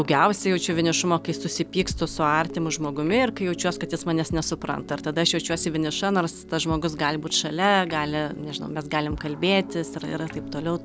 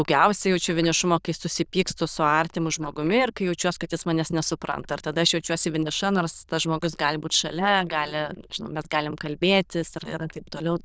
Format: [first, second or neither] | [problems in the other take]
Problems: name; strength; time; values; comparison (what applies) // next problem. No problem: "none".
first | noise reduction (neural diffusion model UNIVERSE++)